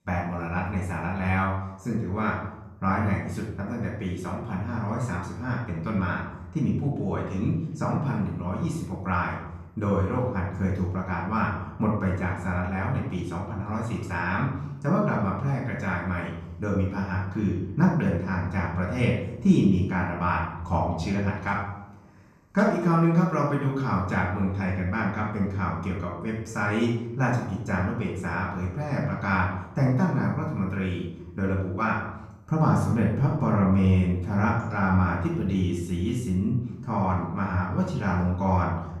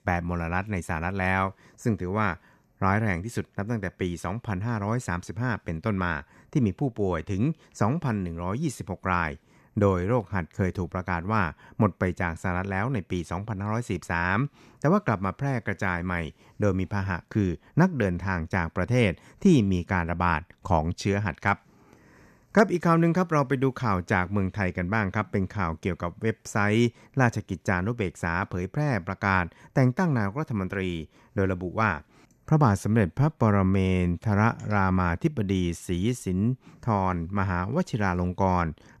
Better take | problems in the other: second | off-mic speech; far // room echo; noticeable; dies away in 0.8 s

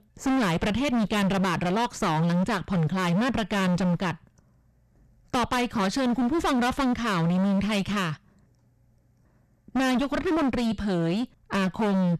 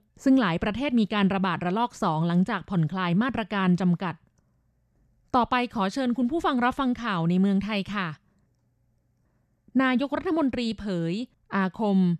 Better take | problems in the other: second | distortion; heavy; 29% of the sound clipped

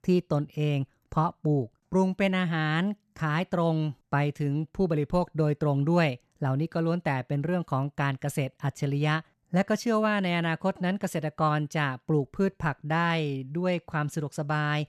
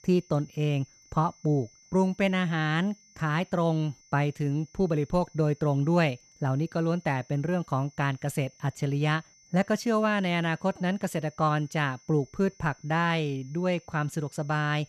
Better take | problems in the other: first | high-pitched whine; faint; throughout; 6 kHz, 30 dB below the speech

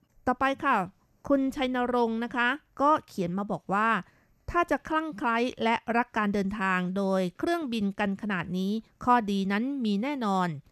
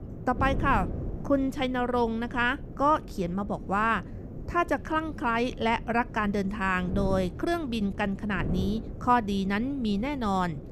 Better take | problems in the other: first | wind noise on the microphone; occasional gusts; 20 dB below the speech

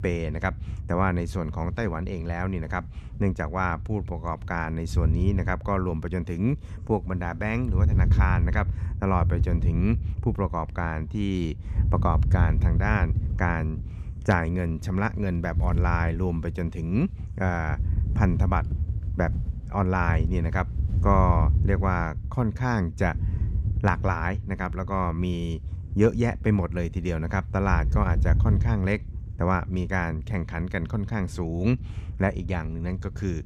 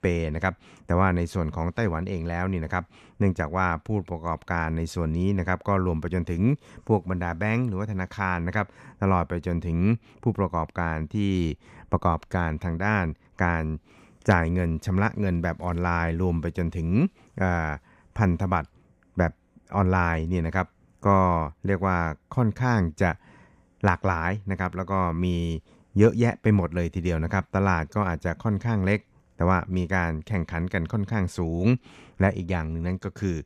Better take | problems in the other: second | wind noise on the microphone; occasional gusts; 15 dB below the speech

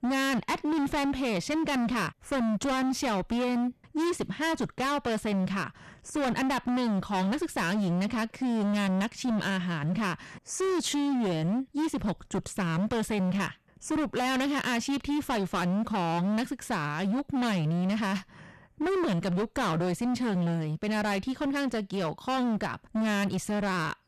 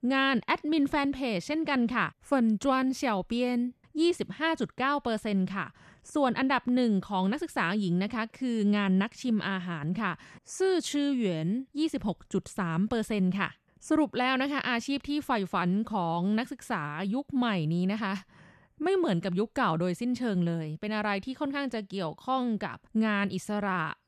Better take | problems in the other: second | distortion; heavy; 32% of the sound clipped

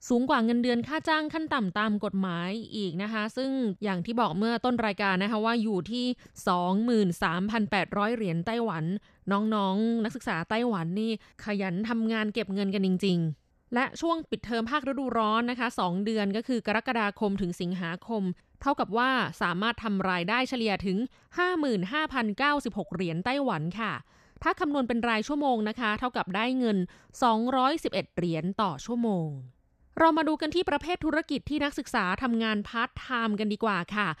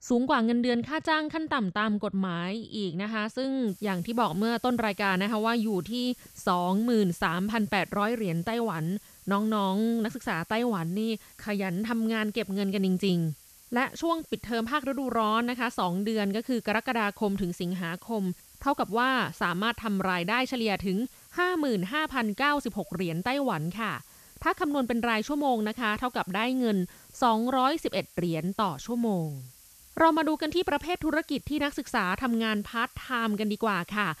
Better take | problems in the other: first | hiss; faint; from 3.5 s on; 25 dB below the speech

